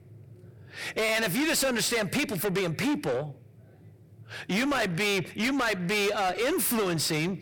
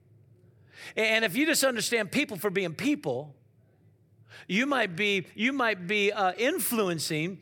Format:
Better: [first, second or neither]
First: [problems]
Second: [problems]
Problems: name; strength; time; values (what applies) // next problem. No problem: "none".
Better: second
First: distortion; heavy; 6 dB below the speech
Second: none